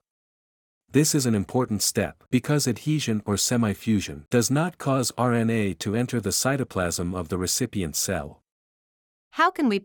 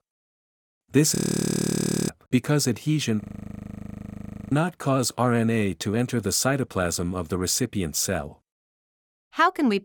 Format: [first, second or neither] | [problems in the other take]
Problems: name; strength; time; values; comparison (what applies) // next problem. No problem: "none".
first | audio freezing; at 1 s for 1 s and at 3 s for 1.5 s